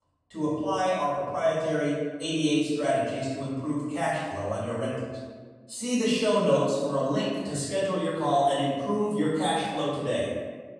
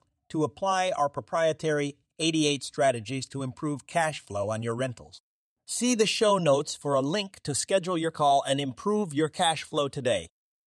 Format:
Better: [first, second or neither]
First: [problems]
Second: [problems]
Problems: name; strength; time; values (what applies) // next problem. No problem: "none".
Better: second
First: off-mic speech; far // room echo; strong; dies away in 1.4 s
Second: none